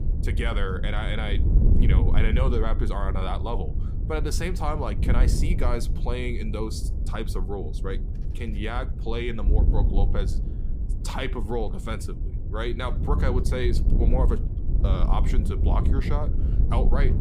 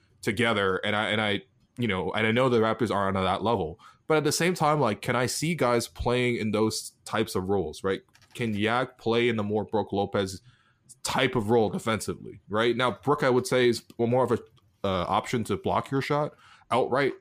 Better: second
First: wind noise on the microphone; heavy; 8 dB below the speech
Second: none

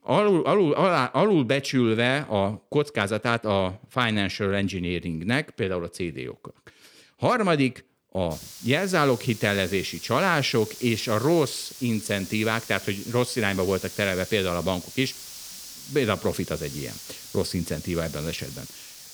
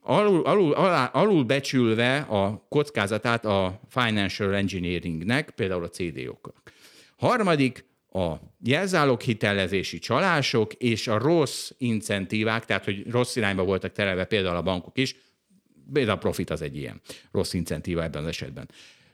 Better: second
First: hiss; noticeable; from 8.5 s on; 15 dB below the speech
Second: none

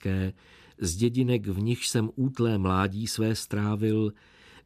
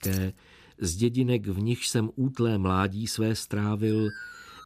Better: first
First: none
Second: jangling keys; noticeable; at the start; peak 9 dB below the speech // alarm; faint; at 4 s; peak 15 dB below the speech

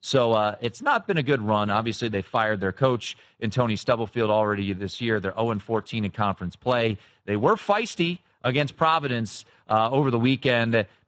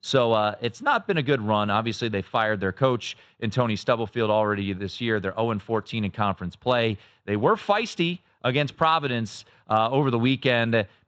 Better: second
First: garbled, watery; badly; nothing above 8 kHz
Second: garbled, watery; slightly; nothing above 7.5 kHz

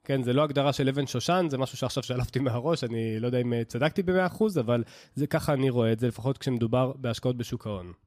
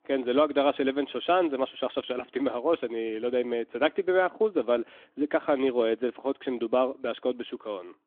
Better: first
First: none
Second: phone-call audio; nothing above 3.5 kHz

